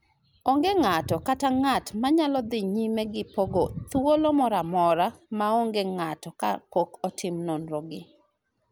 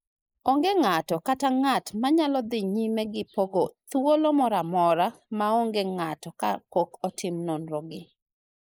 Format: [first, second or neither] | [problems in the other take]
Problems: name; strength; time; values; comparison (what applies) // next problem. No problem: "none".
first | noise reduction (neural mask model Resemble Enhance denoiser)